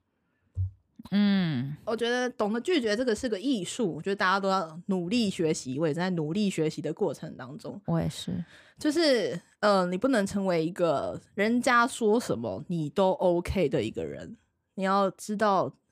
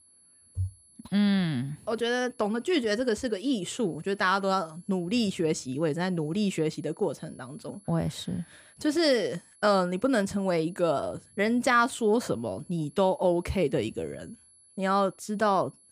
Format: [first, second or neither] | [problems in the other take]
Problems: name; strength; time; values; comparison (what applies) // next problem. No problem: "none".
first | high-pitched whine; faint; throughout; 11 kHz, 30 dB below the speech